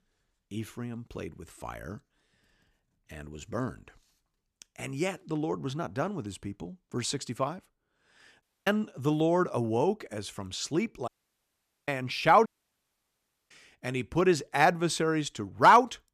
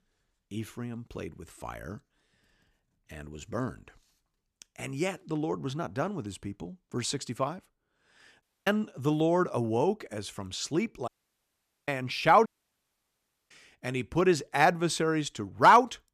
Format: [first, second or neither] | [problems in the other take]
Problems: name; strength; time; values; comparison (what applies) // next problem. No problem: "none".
neither | audio cutting out; at 8.5 s, at 11 s for 1 s and at 12 s for 1 s; the same in both